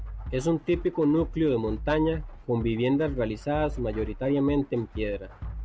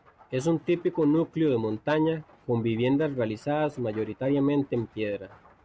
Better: second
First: background sound (Bass drum); 11 dB below the speech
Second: none

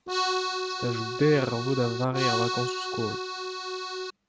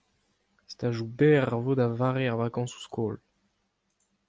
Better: second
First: background sound (Accordion); 1 dB below the speech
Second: none

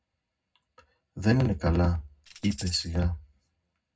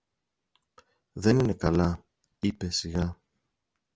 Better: second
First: background sound (Tambourine); 13 dB below the speech // room echo; dies away in 0.3 s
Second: none

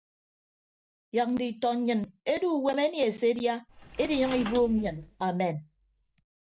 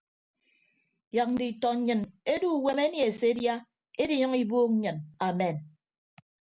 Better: second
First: noise reduction (neural mask model DeepFilterNet 3)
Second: none

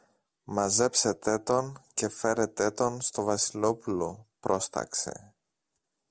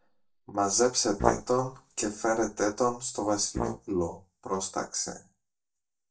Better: first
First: none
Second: noise reduction (neural mask model DeepFilterNet 3)

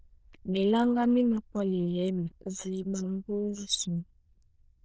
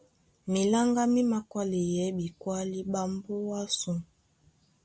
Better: second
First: noise reduction (neural diffusion model UNIVERSE++)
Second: none

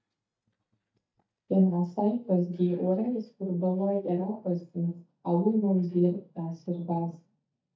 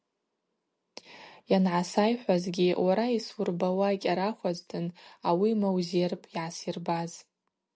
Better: second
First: noise reduction (neural mask model DeepFilterNet 3)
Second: none

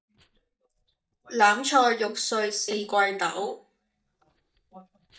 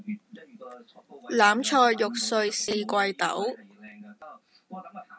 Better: second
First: noise reduction (neural mask model DeepFilterNet 3)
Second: none

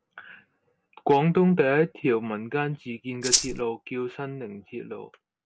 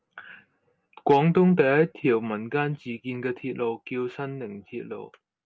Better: second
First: background sound (Rattle (instrument)); 2 dB above the speech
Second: none

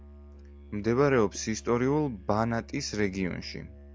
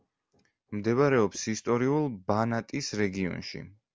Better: second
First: background sound (Musical instrument); 19 dB below the speech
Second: none

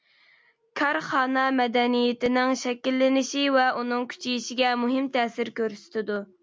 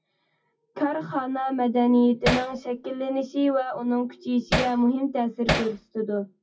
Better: first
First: none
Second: noise reduction (classical method WPE with log-MMSE)

